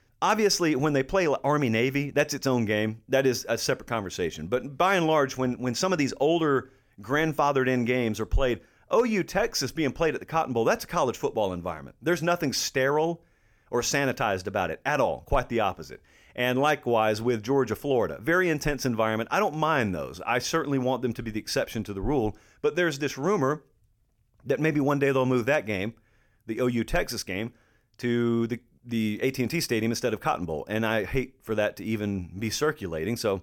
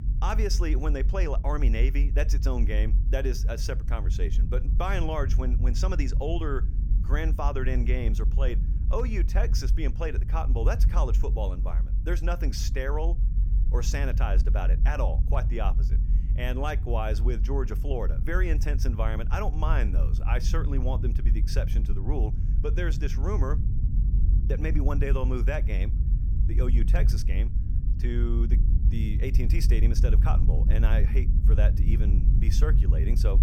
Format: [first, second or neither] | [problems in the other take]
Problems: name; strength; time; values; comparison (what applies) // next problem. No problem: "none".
first | low rumble; loud; throughout; 10 dB below the speech